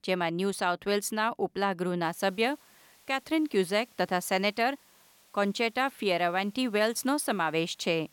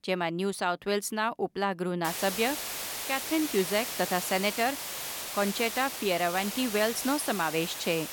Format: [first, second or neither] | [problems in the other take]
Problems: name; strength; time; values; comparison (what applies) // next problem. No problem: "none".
first | hiss; loud; from 2 s on; 5 dB below the speech; faint in the first